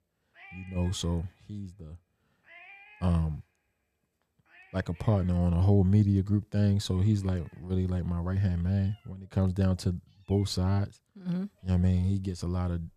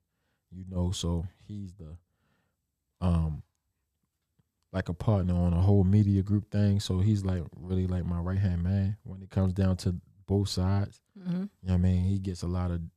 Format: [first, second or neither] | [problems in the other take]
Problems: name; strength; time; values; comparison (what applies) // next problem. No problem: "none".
second | animal sounds; faint; throughout; 25 dB below the speech